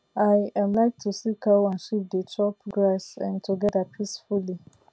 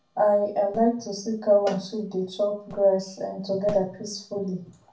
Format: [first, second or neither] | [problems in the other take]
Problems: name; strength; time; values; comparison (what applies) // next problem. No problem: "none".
first | background sound (Cowbell); 16 dB below the speech // room echo; dies away in 0.4 s